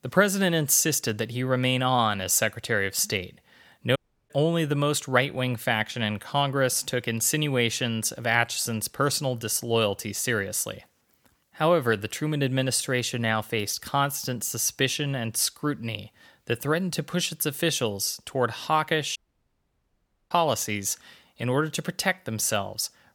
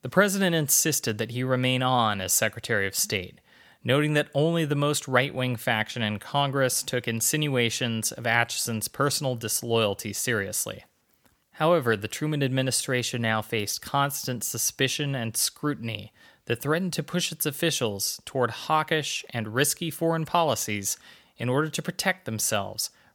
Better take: second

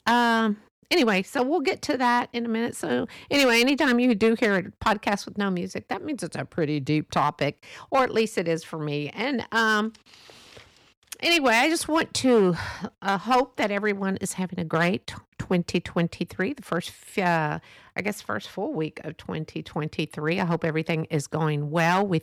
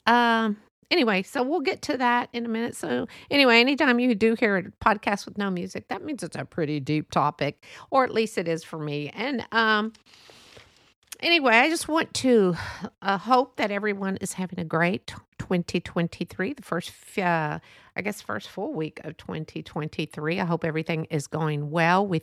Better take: second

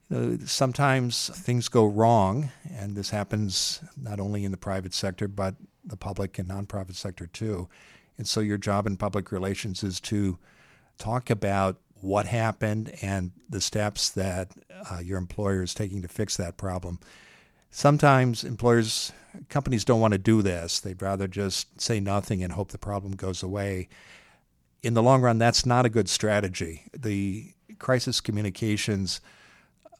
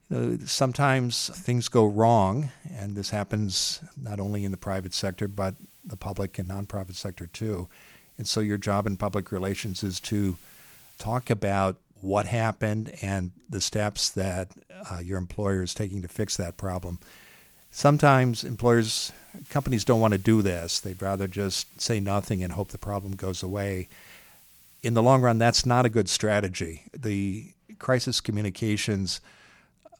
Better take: first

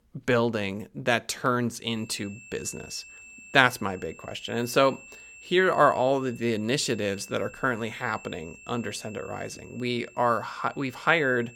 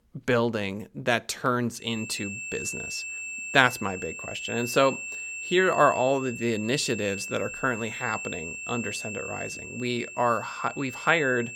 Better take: first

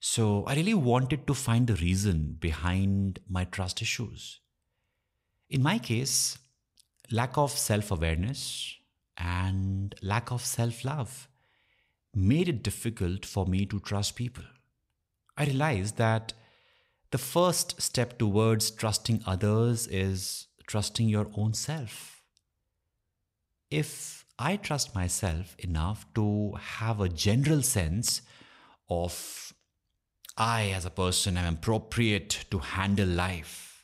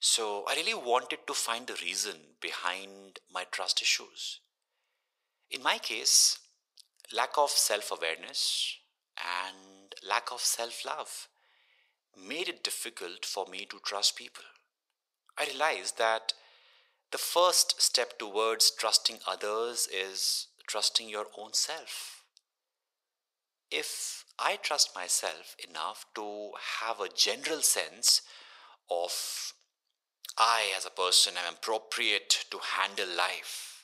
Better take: first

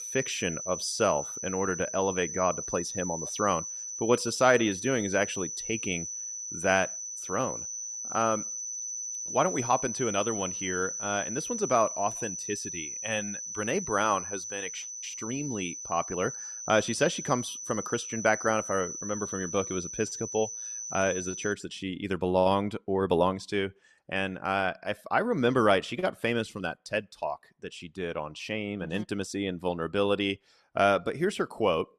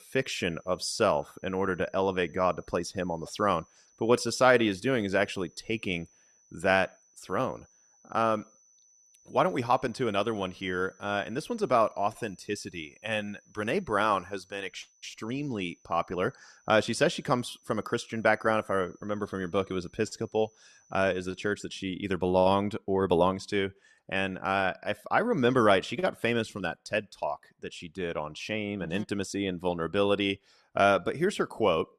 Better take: second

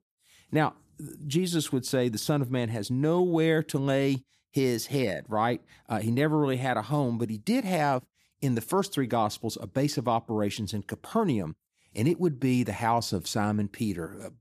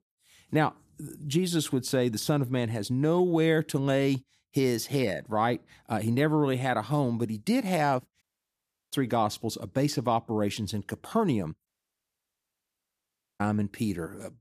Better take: first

